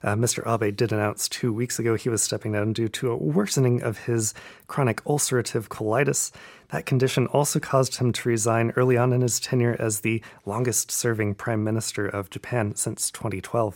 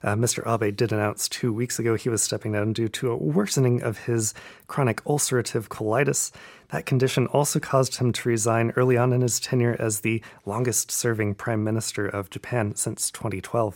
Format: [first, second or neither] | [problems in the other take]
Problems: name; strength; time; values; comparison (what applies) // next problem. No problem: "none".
neither | none